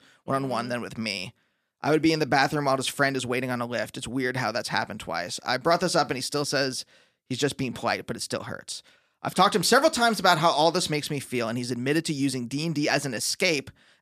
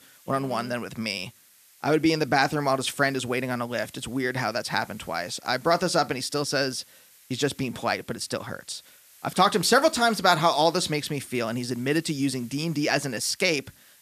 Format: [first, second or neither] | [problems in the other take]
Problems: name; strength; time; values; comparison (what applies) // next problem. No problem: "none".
first | hiss; faint; throughout; 25 dB below the speech